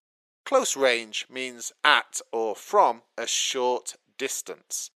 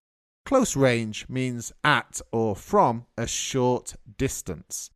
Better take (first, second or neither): second